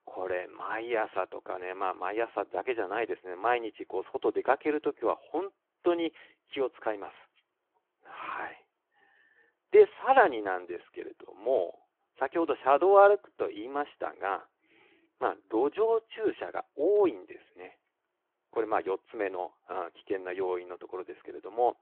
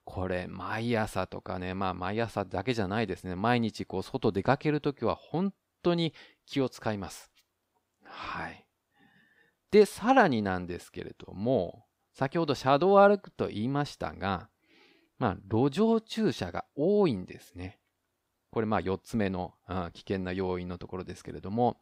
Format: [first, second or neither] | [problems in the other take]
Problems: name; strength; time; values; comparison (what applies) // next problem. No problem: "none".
second | phone-call audio